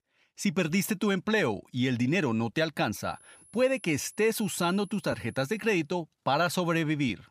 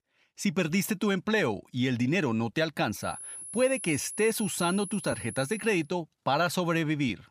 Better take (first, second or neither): first